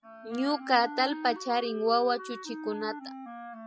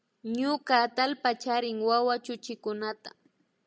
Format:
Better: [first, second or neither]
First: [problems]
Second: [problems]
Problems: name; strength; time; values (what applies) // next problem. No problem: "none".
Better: second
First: noise reduction (classical method Wiener filter)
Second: none